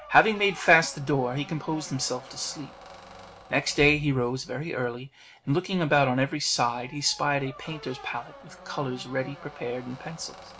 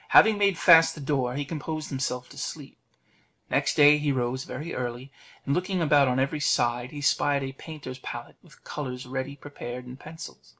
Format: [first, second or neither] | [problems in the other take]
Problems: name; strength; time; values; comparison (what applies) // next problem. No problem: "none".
second | background sound (Squeak); 19 dB below the speech